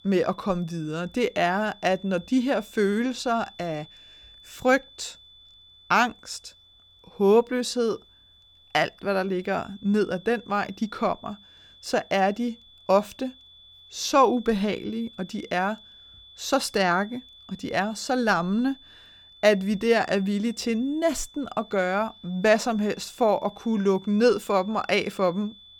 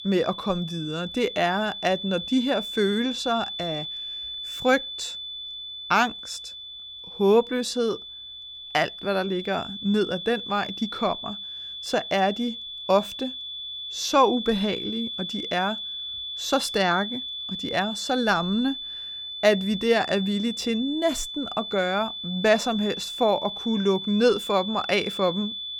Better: first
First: high-pitched whine; faint; throughout; 3.5 kHz, 25 dB below the speech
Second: high-pitched whine; loud; throughout; 3.5 kHz, 7 dB below the speech

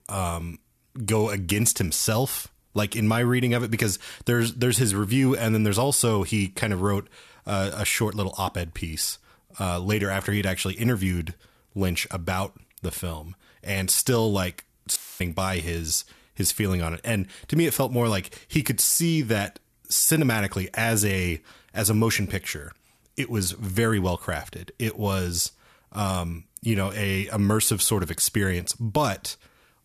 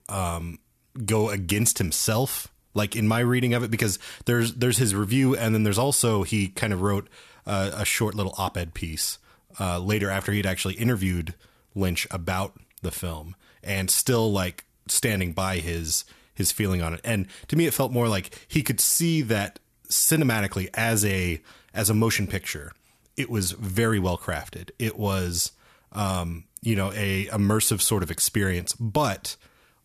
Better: second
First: audio cutting out; filled with static; at 15 s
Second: none

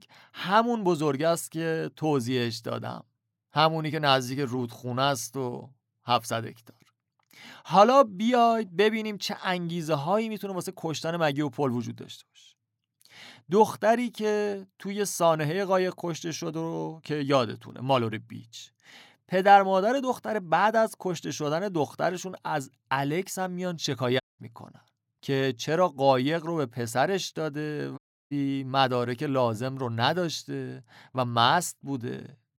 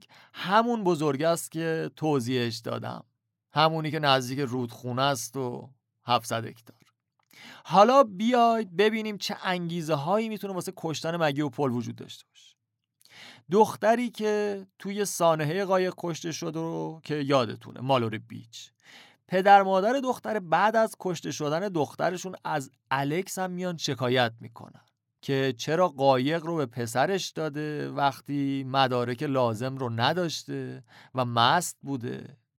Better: second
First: audio cutting out; at 24 s and at 28 s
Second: none

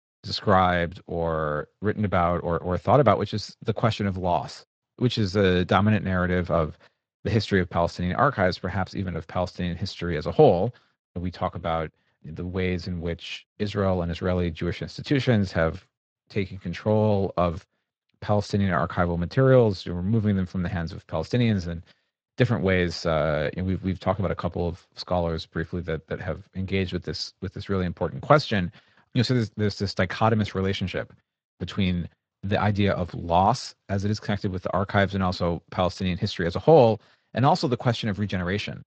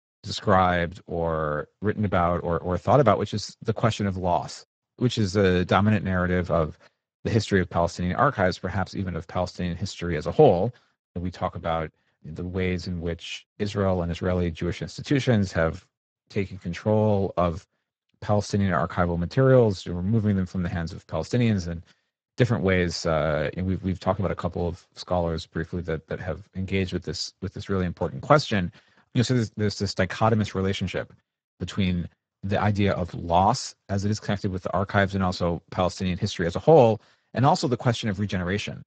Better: first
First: garbled, watery; slightly; nothing above 8 kHz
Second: garbled, watery; badly; nothing above 8 kHz

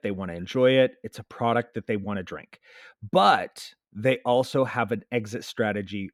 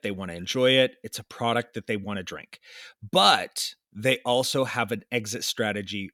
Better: second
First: muffled; slightly; fading above 2.5 kHz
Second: none

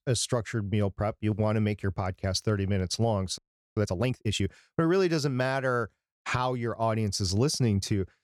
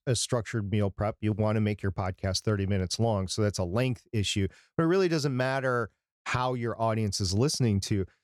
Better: second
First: audio freezing; at 3.5 s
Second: none

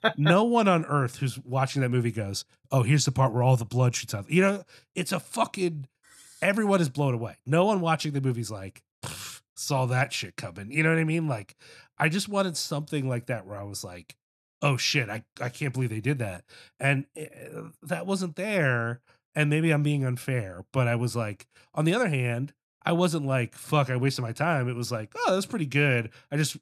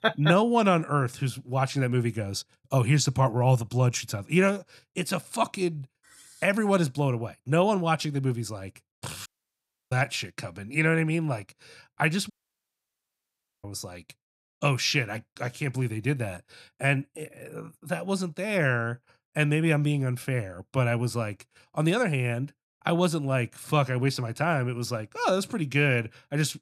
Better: first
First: none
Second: audio cutting out; at 9.5 s for 0.5 s and at 12 s for 1.5 s

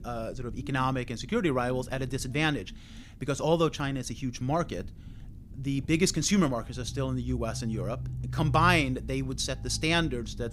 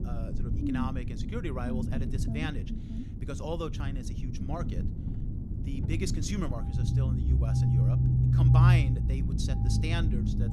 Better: first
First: low rumble; faint; throughout; 20 dB below the speech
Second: low rumble; loud; throughout; 1 dB below the speech

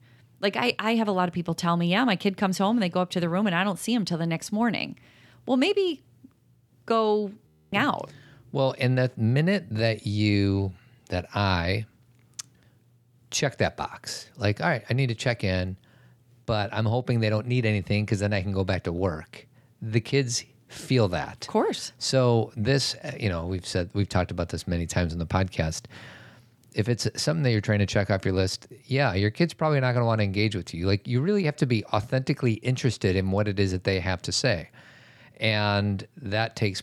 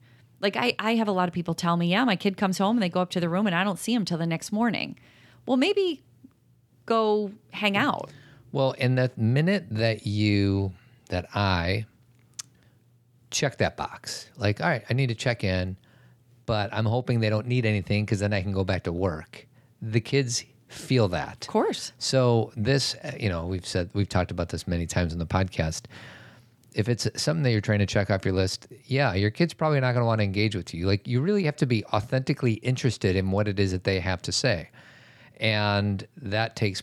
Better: second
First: audio freezing; at 7.5 s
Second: none

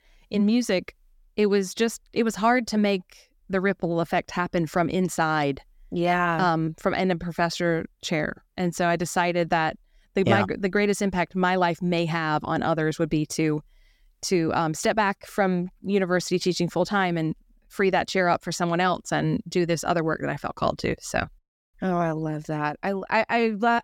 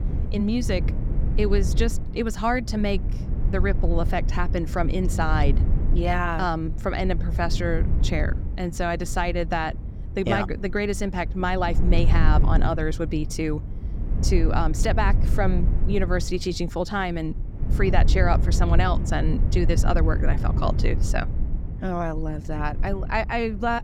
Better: first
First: none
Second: low rumble; noticeable; throughout; 15 dB below the speech

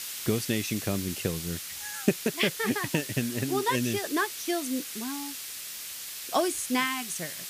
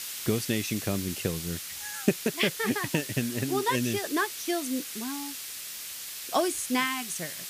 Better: neither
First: hiss; loud; throughout; 6 dB below the speech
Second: hiss; loud; throughout; 6 dB below the speech

